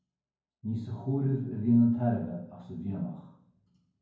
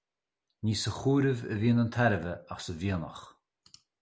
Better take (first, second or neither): second